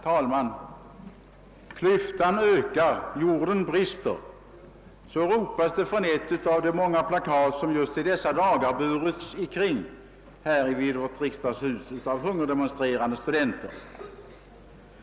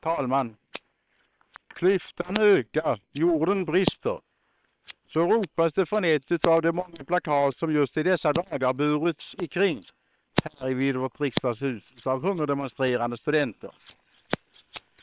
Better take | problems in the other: first | noise reduction (neural separator model SepFormer WHAM!)

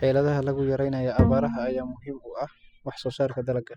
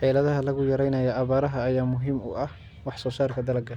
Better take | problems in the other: second | noise reduction (classical method spectral subtraction)

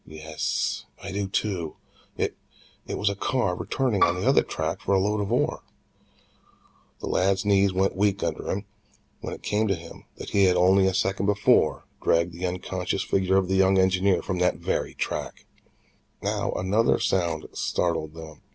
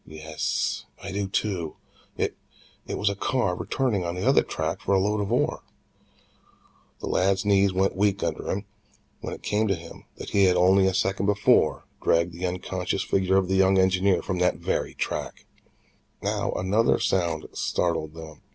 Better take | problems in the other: second | background sound (Bowed string instrument); 1 dB below the speech

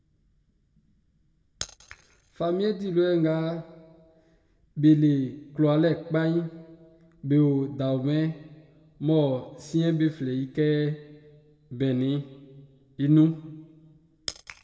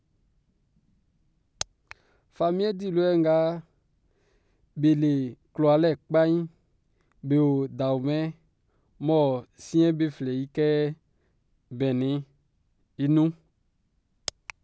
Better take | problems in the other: second | room echo; dies away in 1.3 s

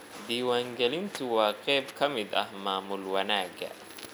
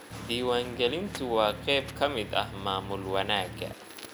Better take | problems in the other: first | background sound (Engine); 12 dB below the speech

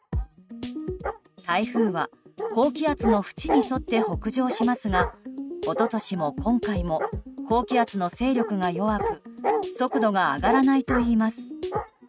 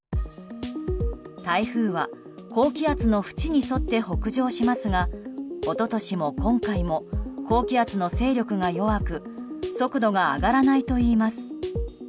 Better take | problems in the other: second | noise reduction (neural mask model RNNoise)

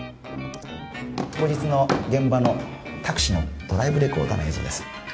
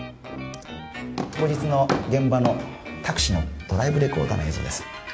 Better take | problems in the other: second | background sound (Strum); 18 dB below the speech

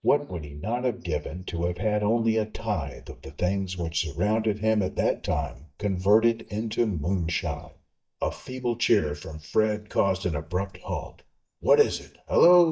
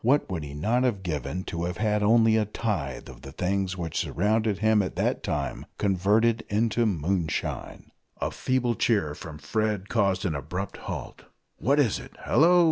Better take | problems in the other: second | noise reduction (neural mask model DeepFilterNet 3)

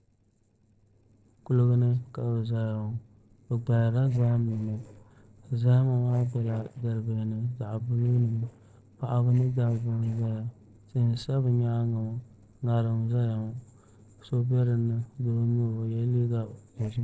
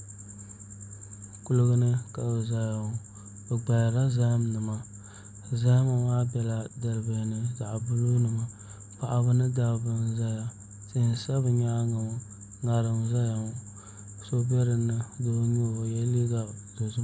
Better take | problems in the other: second | noise reduction (neural separator model SepFormer DNS4)

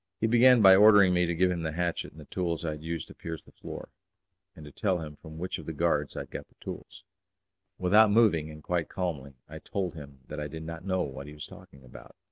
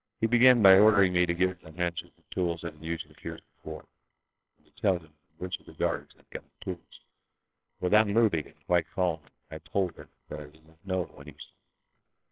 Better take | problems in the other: first | noise reduction (neural separator model SepFormer WHAMR!)

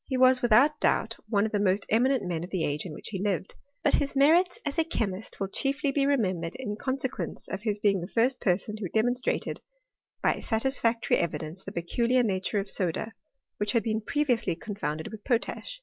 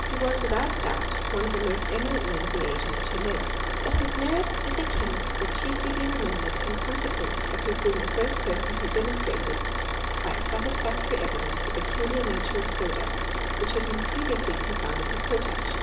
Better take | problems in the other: first | background sound (Idling / Car); 3 dB above the speech // room echo; dies away in 0.7 s

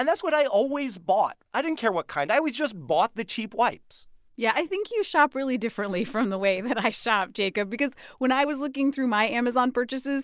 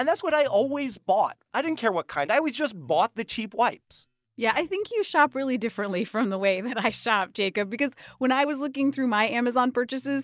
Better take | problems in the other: first | noise reduction (neural mask model DeepFilterNet 3)

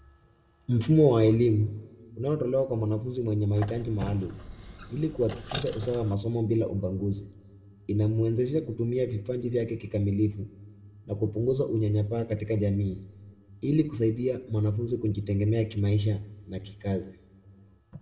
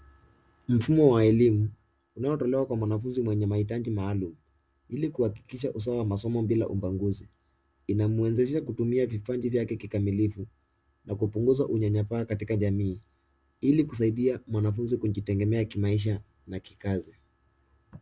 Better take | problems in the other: second | background sound (Squeak); 12 dB below the speech // room echo; dies away in 1 s

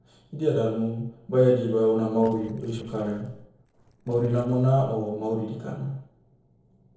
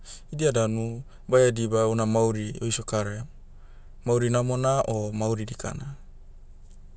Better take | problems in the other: second | noise reduction (neural separator model SepFormer DNS4)

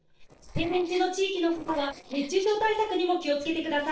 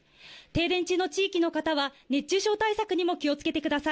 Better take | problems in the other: second | noise reduction (neural separator model SepFormer DNS4)

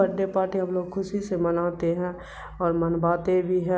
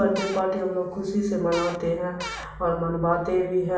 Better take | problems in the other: first | background sound (Cupboard open or close / Door); 11 dB below the speech // room echo; dies away in 0.5 s

